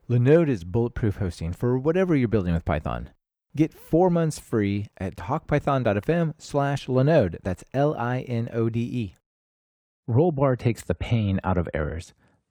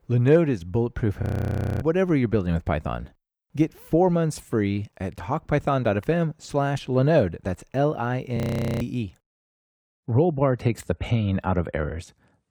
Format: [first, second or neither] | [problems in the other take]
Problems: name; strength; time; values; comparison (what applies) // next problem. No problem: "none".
first | audio freezing; at 1 s for 0.5 s and at 8.5 s